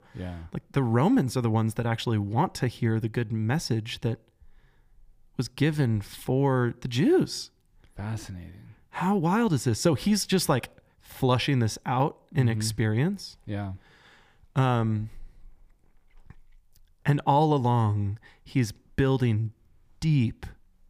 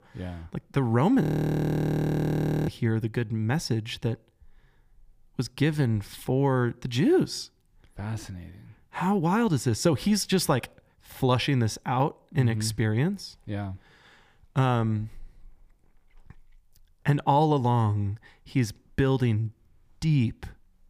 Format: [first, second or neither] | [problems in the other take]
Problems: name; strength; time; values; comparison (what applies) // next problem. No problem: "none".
first | audio freezing; at 1 s for 1.5 s